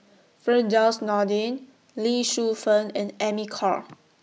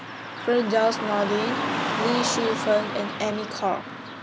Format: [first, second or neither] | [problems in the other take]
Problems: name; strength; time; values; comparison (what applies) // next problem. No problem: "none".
first | background sound (Car passing by / Traffic noise, roadway noise); 3 dB below the speech